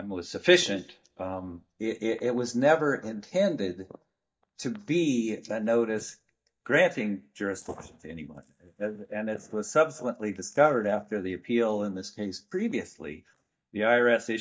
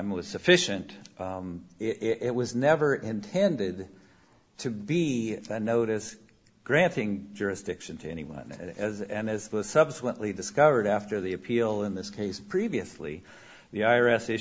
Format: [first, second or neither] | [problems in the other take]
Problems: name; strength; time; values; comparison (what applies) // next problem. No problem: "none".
second | noise reduction (neural mask model DeepFilterNet 3)